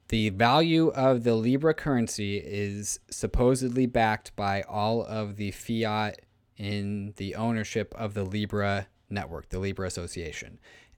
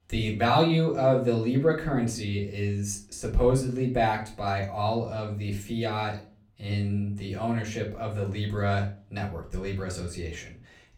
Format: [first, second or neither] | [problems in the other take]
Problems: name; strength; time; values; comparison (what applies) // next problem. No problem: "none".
first | off-mic speech; far // room echo; slight; dies away in 0.3 s